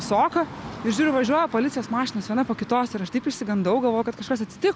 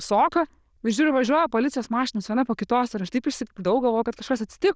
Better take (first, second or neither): first